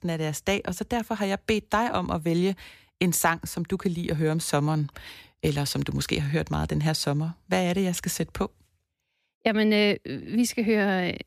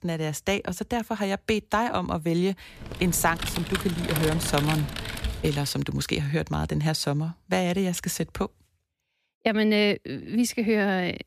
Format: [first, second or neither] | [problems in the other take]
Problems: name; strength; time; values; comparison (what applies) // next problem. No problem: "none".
first | keyboard typing; noticeable; from 3 to 5.5 s; peak 3 dB below the speech